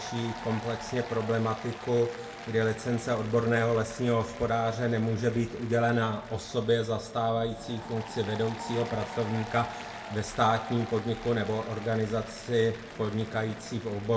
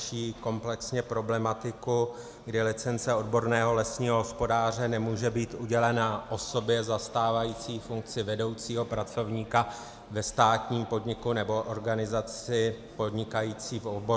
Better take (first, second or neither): second